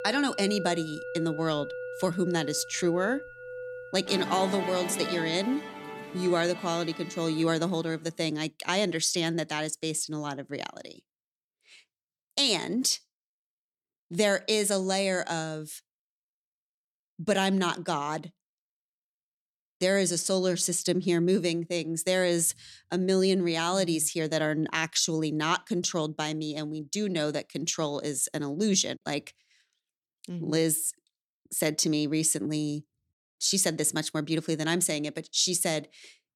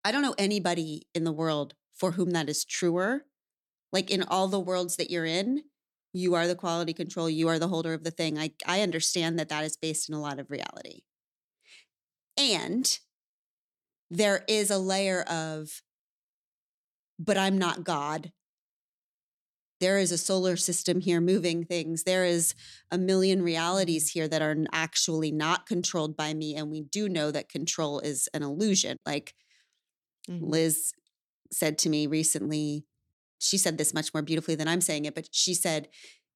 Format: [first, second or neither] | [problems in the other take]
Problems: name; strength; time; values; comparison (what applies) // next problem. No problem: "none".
second | background music; noticeable; until 8 s; 10 dB below the speech